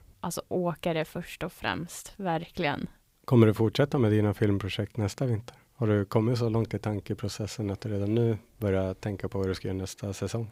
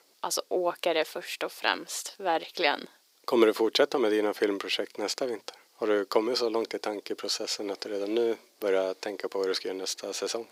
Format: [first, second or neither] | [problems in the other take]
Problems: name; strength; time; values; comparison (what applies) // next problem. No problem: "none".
first | thin; very; fading below 350 Hz